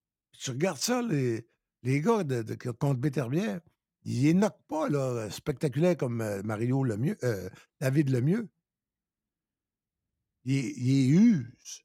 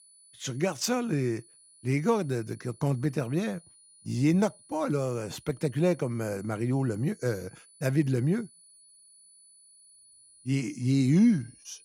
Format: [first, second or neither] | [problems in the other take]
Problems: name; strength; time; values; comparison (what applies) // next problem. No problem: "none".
first | high-pitched whine; faint; throughout; 10 kHz, 25 dB below the speech